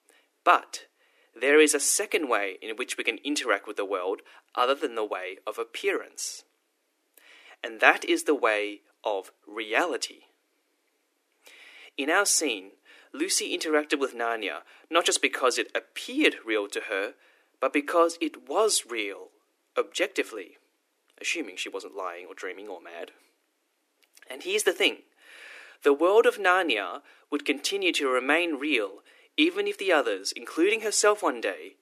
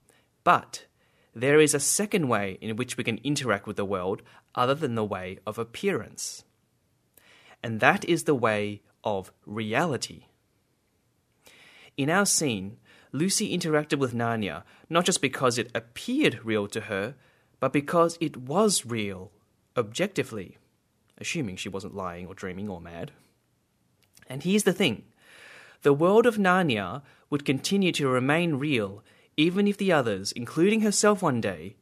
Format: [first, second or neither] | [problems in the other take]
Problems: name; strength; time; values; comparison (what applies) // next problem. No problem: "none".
second | thin; somewhat; fading below 300 Hz